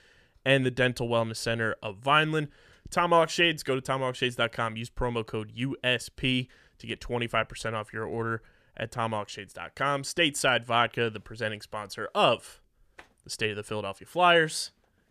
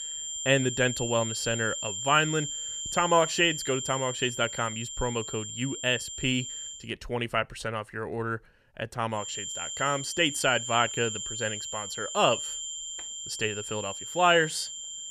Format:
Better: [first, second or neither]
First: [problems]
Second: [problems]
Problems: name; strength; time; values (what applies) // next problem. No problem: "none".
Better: first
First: none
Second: high-pitched whine; loud; until 7 s and from 9 s on; 7.5 kHz, 6 dB below the speech